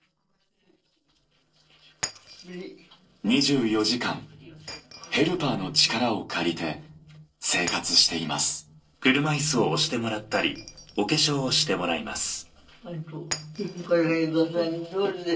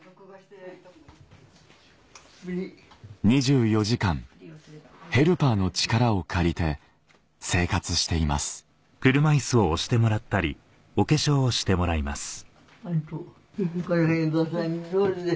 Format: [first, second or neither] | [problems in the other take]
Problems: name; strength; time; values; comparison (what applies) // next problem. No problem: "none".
second | noise reduction (neural separator model SepFormer DNS4)